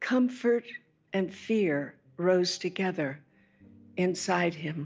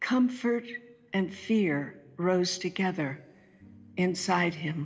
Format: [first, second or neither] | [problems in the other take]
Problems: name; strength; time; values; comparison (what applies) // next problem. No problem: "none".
first | room echo; dies away in 0.8 s